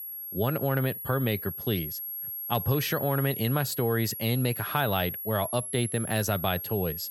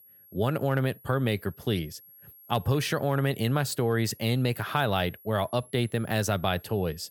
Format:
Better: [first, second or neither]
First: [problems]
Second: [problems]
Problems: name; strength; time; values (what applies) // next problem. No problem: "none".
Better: second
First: high-pitched whine; loud; throughout; 11.5 kHz, 5 dB below the speech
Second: high-pitched whine; faint; throughout; 11.5 kHz, 25 dB below the speech